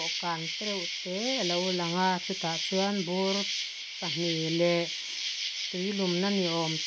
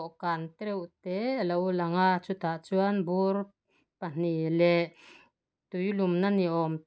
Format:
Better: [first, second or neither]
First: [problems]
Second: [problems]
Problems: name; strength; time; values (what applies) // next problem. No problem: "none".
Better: second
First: background sound (Insect); 3 dB below the speech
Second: none